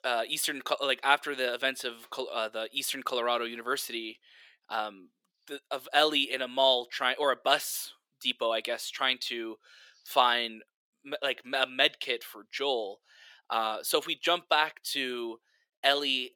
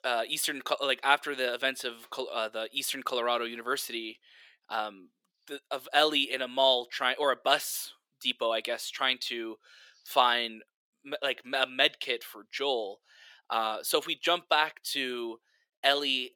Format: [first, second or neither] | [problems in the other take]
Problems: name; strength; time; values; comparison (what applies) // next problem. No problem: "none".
neither | thin; somewhat; fading below 350 Hz; the same in both